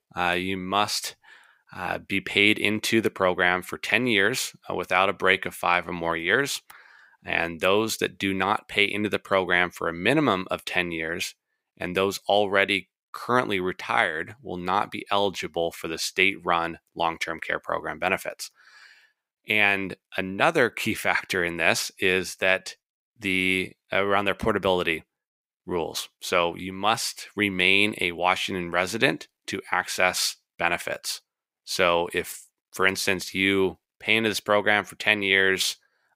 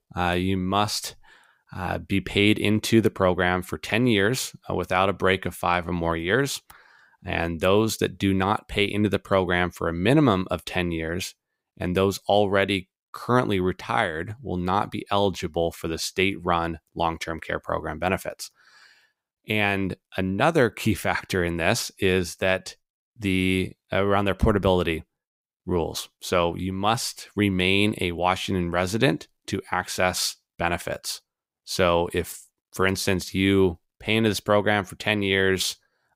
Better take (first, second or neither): second